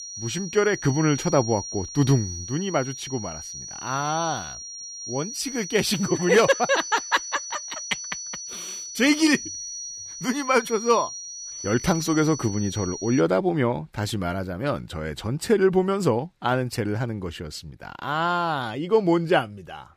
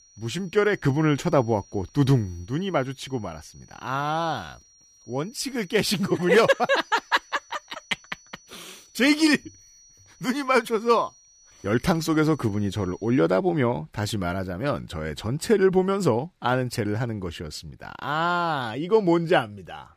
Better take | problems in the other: second | high-pitched whine; loud; until 13 s; 6 kHz, 9 dB below the speech; faint in the second

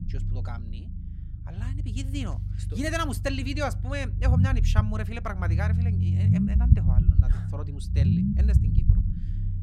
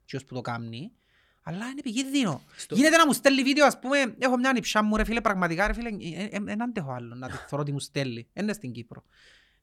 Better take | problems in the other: second | low rumble; loud; throughout; 5 dB below the speech

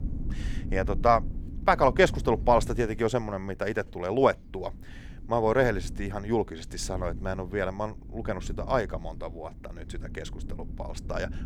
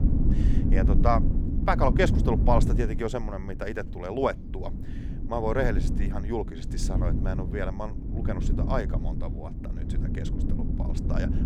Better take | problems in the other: first | low rumble; loud; throughout; 9 dB below the speech; faint in the first

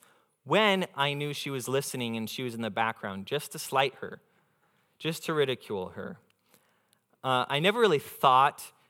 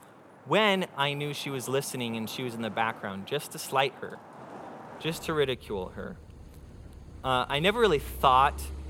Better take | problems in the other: first | traffic noise; noticeable; throughout; 20 dB below the speech

